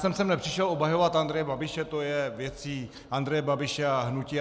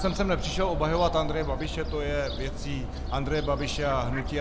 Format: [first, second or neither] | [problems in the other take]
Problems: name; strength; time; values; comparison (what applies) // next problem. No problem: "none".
first | background sound (Fowl); 3 dB below the speech